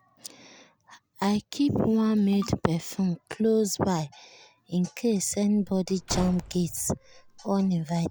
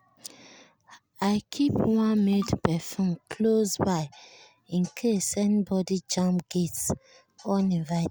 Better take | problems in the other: second | background sound (Slam / Wood); 13 dB below the speech

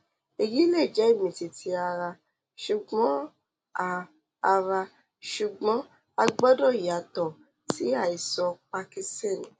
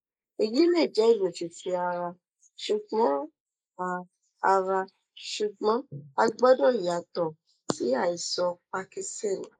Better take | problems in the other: first | noise reduction (neural mask model Resemble Enhance denoiser)

